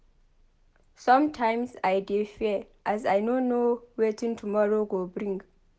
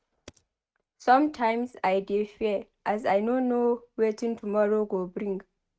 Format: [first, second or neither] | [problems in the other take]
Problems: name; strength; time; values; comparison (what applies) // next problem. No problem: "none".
first | noise reduction (neural mask model RNNoise)